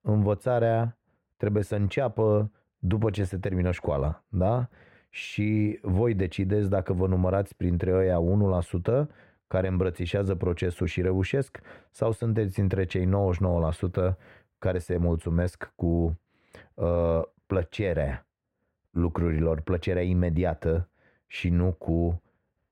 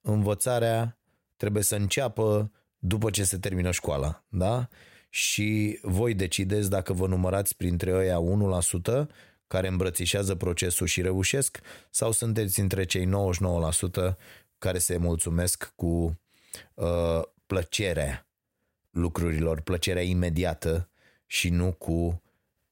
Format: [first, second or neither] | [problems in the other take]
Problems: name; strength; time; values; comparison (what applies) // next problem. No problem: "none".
second | muffled; very; fading above 3.5 kHz